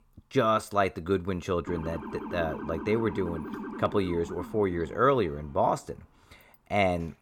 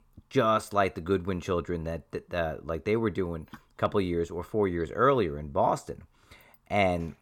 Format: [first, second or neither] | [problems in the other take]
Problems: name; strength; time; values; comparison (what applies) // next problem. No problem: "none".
second | siren; noticeable; from 1.5 to 5.5 s; peak 9 dB below the speech